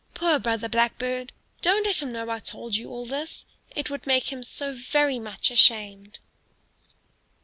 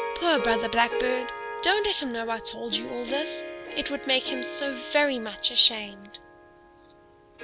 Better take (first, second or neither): first